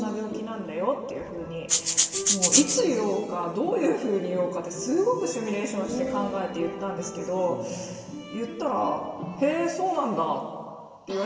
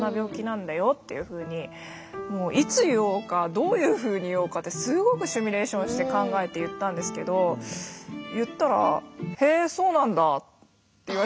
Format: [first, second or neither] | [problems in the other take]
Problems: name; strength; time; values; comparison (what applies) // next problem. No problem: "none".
second | background sound (Rattle (instrument)); 5 dB above the speech // room echo; dies away in 1.8 s